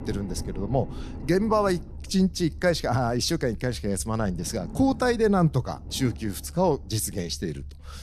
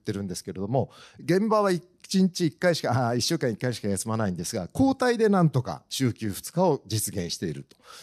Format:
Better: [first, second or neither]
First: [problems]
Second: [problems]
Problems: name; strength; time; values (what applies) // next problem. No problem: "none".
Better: second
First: low rumble; faint; throughout; 20 dB below the speech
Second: none